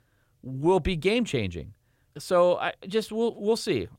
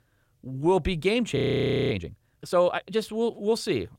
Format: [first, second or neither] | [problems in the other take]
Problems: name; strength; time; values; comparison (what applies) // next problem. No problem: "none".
first | audio freezing; at 1.5 s for 0.5 s